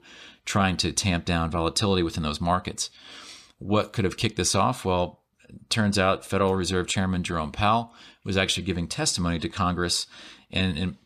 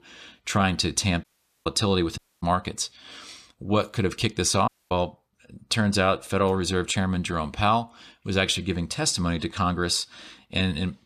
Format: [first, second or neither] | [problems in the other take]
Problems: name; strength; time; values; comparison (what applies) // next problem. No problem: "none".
first | audio cutting out; at 1 s, at 2 s and at 4.5 s